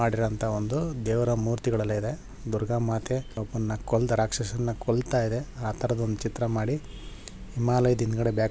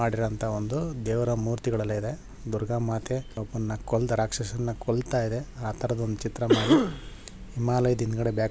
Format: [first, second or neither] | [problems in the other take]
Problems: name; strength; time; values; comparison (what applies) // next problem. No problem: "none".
first | background sound (Cough); 2 dB above the speech